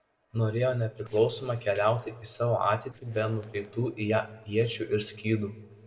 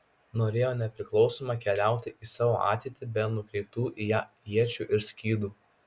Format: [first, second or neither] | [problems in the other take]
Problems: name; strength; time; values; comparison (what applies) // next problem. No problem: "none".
second | noise reduction (neural separator model SepFormer DNS4)